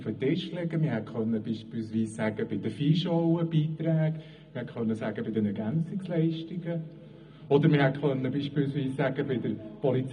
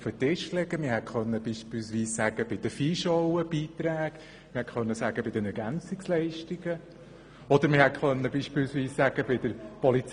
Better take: second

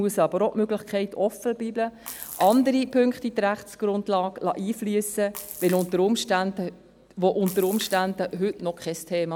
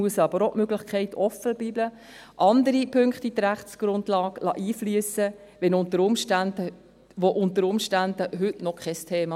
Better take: second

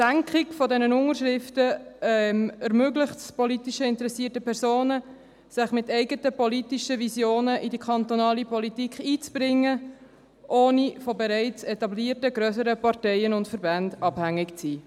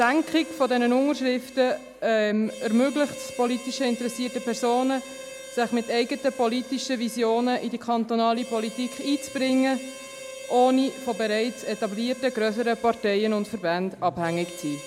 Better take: first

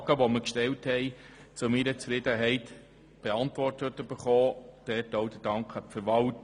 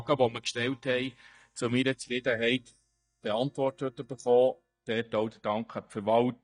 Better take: first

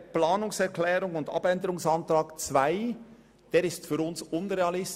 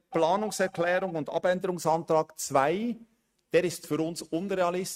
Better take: first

